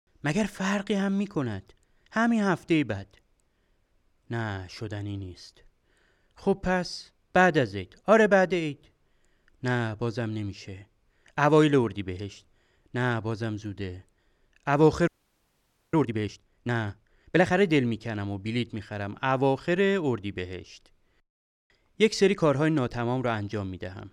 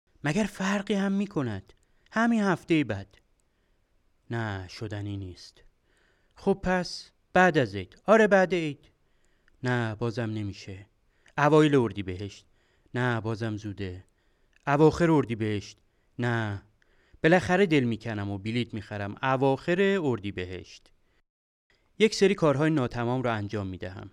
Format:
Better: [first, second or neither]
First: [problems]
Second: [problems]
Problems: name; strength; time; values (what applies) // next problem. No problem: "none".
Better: second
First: audio freezing; at 15 s for 1 s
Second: none